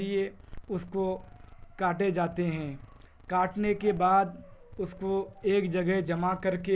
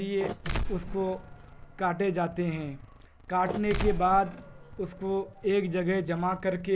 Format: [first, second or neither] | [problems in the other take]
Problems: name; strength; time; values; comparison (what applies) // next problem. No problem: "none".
first | background sound (Mechanisms); 7 dB below the speech